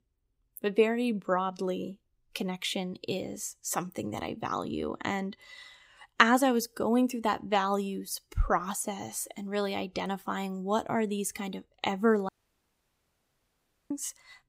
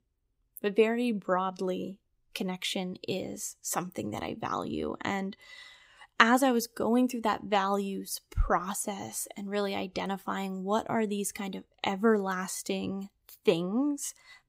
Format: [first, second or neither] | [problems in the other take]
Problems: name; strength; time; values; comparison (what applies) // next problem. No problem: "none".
second | audio cutting out; at 12 s for 1.5 s